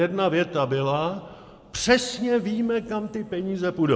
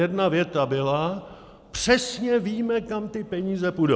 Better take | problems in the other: second | room echo; dies away in 1.6 s

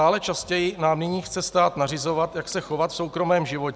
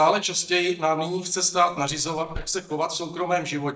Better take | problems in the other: first | noise reduction (neural mask model DeepFilterNet 3)

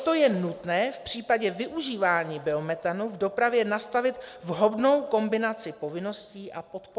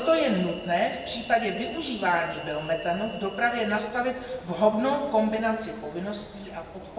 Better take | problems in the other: first | background sound (Train); 16 dB below the speech // room echo; dies away in 1.1 s

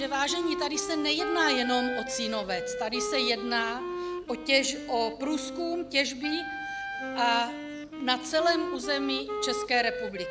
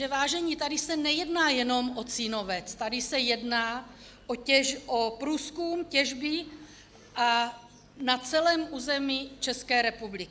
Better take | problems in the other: second | background sound (Wind instrument, woodwind instrument + Wind instrument, woodwind instrument); 5 dB below the speech

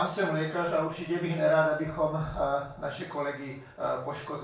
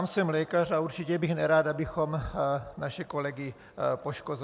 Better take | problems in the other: second | room echo; dies away in 0.3 s

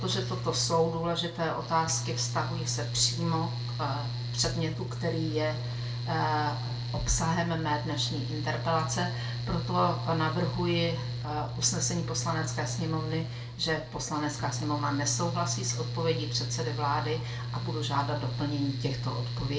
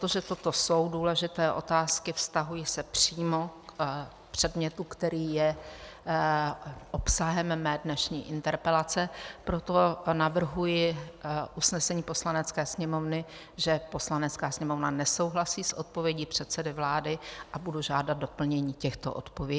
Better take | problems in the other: second | background sound (Mechanical fan); 3 dB below the speech // room echo; dies away in 0.3 s

